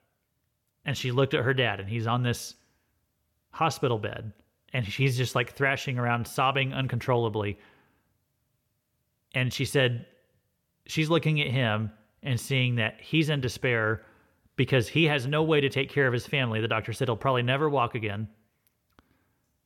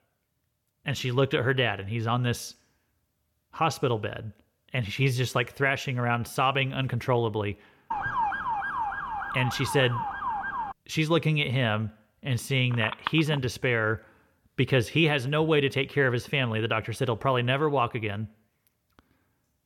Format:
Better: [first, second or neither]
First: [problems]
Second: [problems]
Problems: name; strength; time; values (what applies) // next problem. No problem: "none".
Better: first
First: none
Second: siren; noticeable; from 8 to 11 s; peak 1 dB below the speech // phone ringing; noticeable; at 13 s; peak 7 dB below the speech